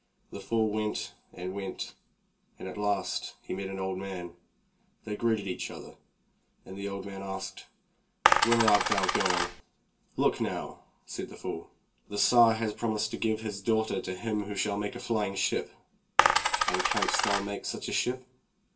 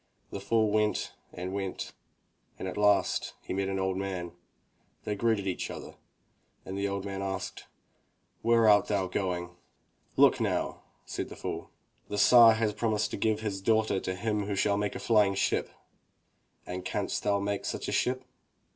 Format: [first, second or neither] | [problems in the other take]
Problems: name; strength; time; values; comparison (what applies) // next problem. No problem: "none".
second | background sound (Coin (dropping)); 5 dB above the speech // room echo; dies away in 0.2 s